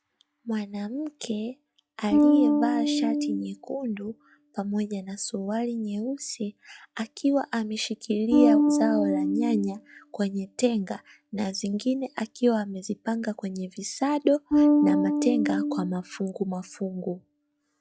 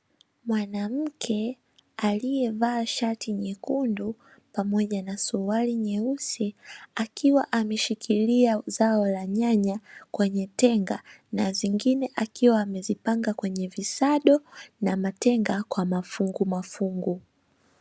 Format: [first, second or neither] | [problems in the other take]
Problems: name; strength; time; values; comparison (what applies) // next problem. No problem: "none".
second | noise reduction (classical method log-MMSE)